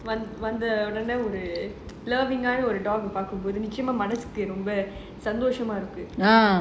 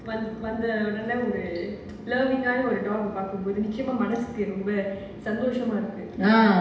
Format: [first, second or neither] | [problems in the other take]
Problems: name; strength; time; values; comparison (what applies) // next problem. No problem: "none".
first | room echo; dies away in 0.8 s